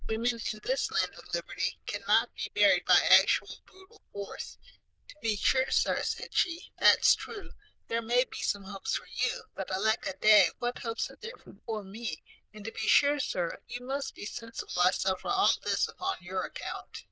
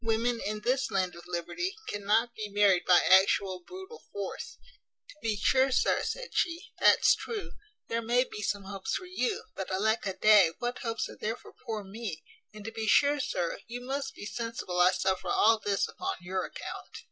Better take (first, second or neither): second